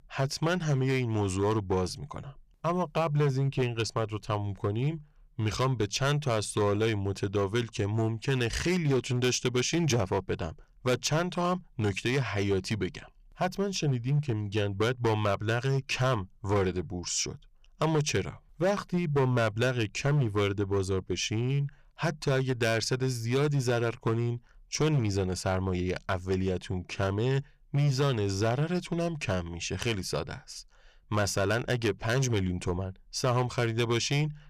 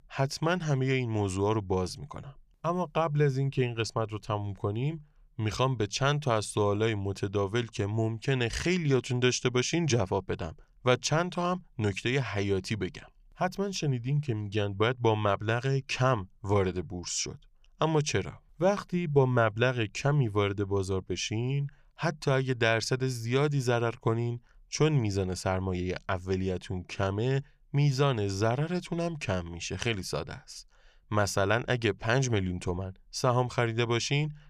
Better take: second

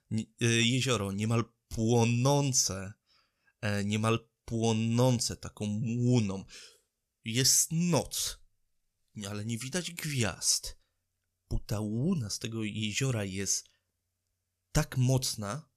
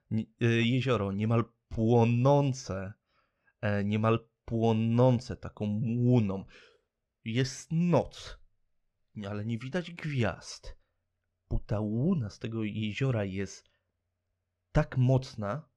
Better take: first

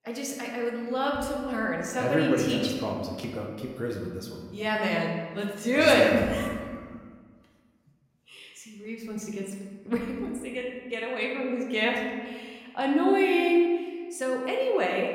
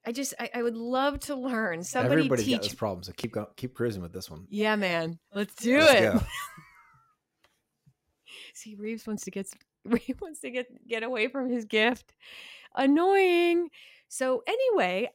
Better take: second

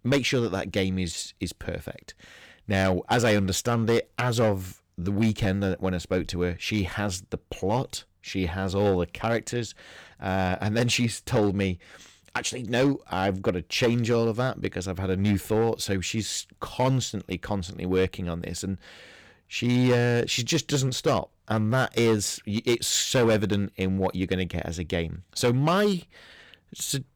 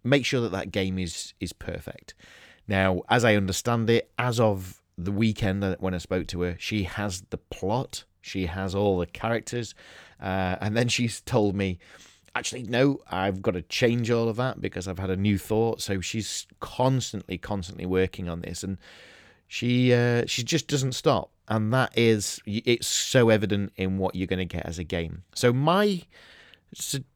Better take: second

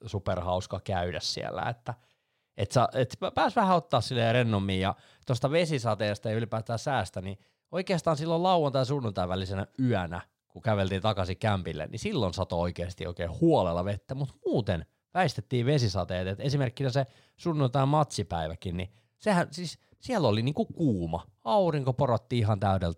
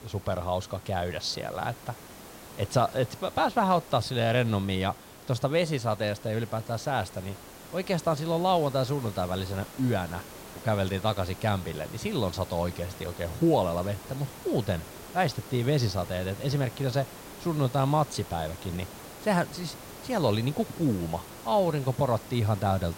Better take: first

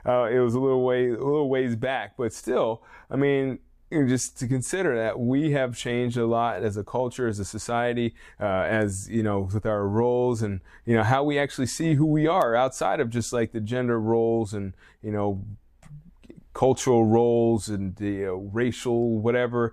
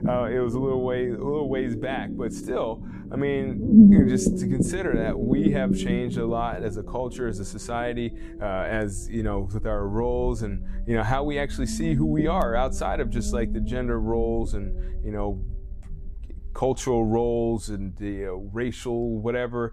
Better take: first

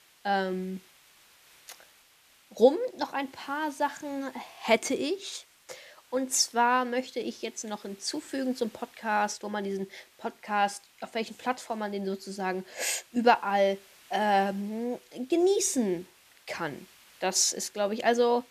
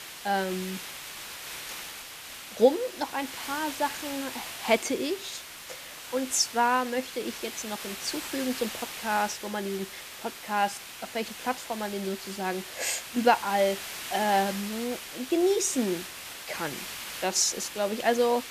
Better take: first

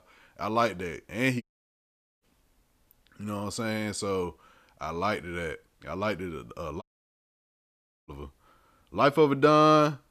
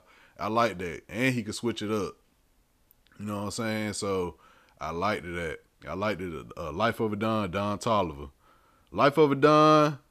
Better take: second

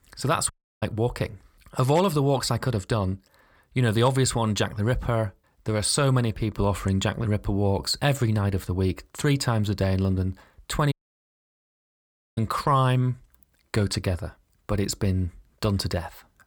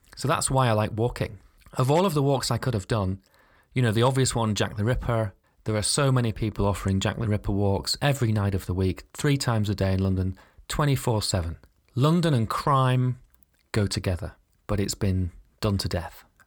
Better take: second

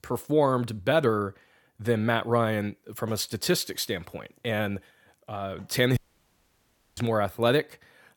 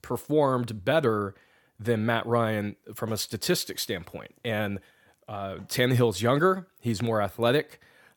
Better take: second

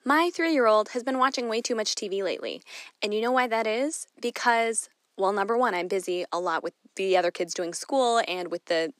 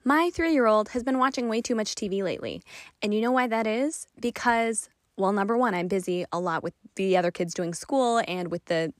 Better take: second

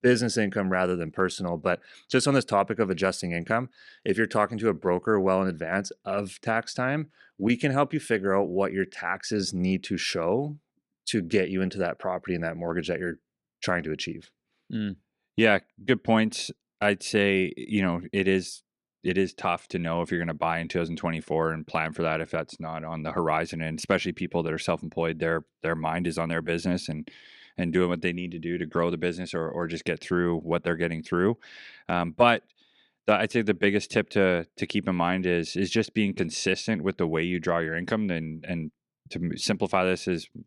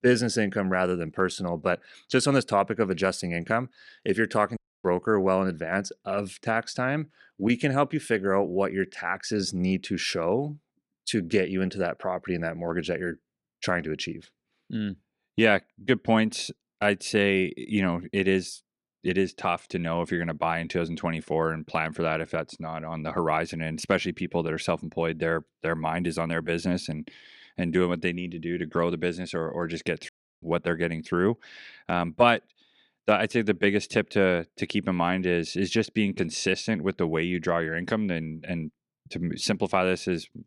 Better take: first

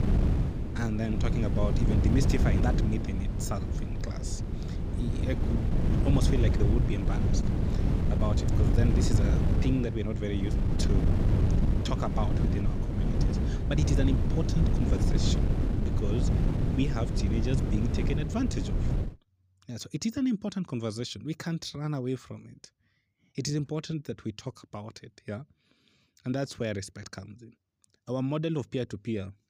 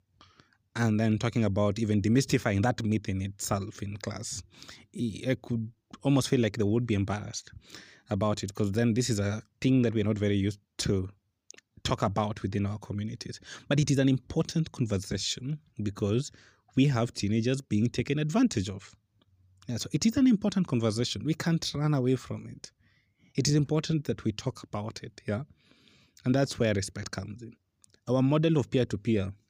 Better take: second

